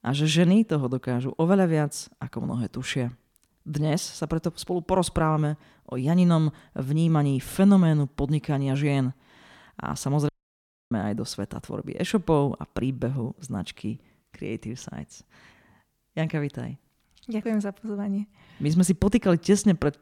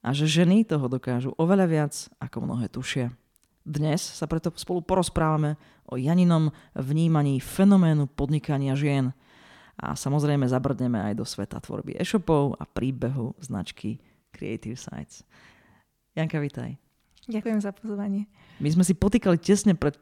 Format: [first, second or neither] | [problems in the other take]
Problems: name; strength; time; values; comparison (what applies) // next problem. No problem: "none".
second | audio cutting out; at 10 s for 0.5 s